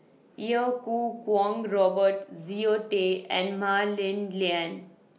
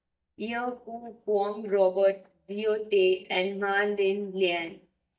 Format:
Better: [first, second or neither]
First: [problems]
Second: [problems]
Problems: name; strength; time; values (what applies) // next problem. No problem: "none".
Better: first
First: none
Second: noise reduction (neural mask model DeepFilterNet 3)